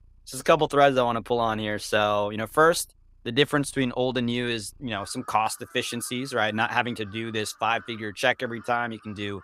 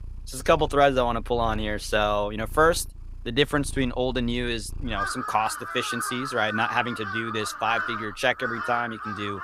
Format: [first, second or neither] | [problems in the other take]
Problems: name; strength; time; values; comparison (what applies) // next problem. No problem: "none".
first | animal sounds; loud; throughout; 8 dB below the speech; faint in the first